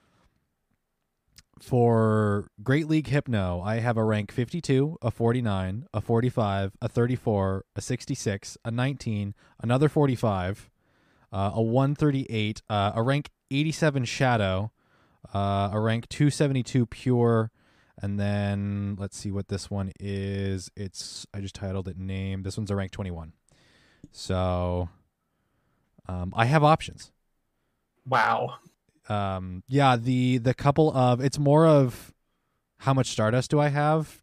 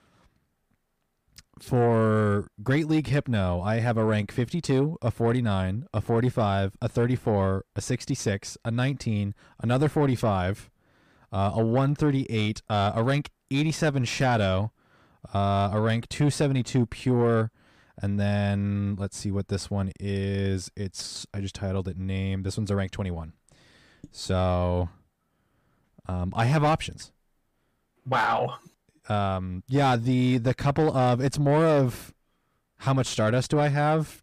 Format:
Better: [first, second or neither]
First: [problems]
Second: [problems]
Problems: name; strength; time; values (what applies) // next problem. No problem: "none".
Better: first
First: none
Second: distortion; slight; 10 dB below the speech